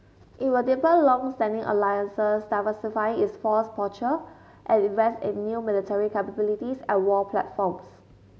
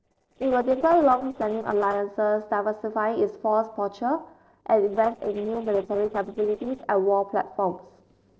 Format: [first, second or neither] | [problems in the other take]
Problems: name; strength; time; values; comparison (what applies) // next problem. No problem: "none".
first | noise reduction (neural separator model SepFormer DNS4)